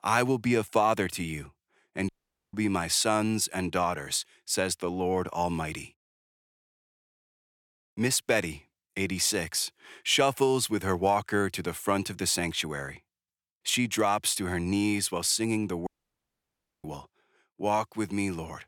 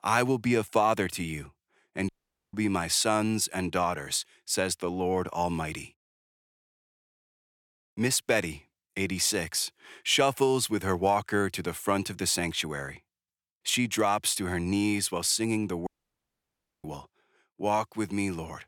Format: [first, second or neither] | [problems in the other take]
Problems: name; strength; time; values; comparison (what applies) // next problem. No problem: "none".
neither | audio cutting out; at 2 s and at 16 s for 1 s; the same in both